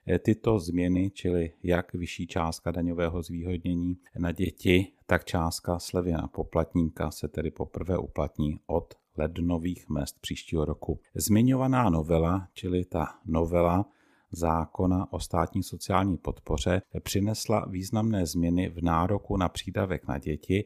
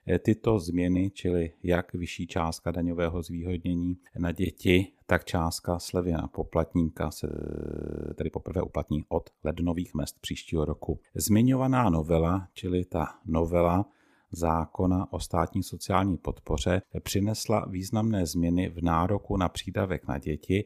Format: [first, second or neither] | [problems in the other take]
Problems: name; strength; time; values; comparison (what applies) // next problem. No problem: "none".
first | audio freezing; at 7.5 s for 1 s